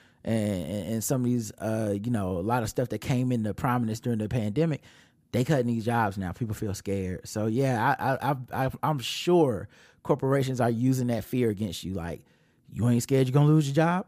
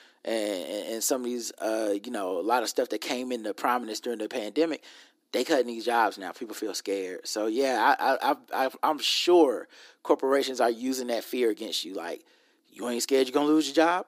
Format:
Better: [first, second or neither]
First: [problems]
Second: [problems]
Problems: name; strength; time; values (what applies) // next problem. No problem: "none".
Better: first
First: none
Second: thin; somewhat; fading below 300 Hz